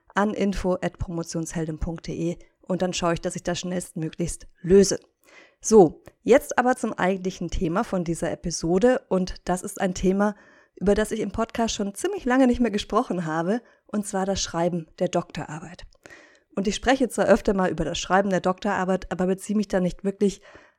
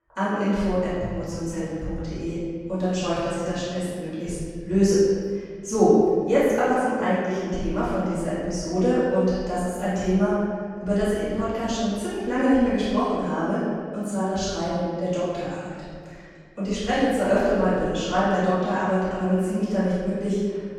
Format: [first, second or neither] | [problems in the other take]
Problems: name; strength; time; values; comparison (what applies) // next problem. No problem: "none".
first | off-mic speech; far // room echo; strong; dies away in 1.8 s